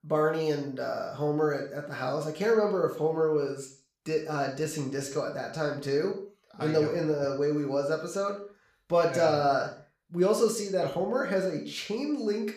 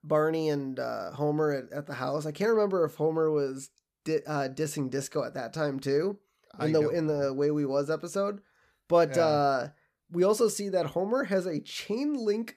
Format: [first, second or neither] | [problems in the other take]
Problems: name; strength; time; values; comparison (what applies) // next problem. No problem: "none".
second | room echo; noticeable; dies away in 0.4 s // off-mic speech; somewhat distant